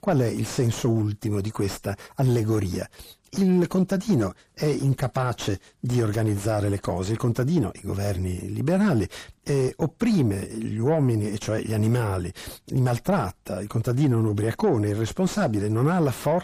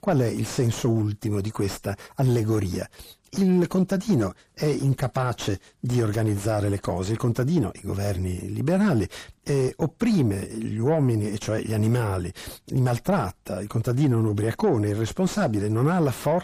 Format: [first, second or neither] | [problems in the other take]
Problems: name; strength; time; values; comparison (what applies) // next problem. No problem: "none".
neither | distortion; slight; 10 dB below the speech; the same in both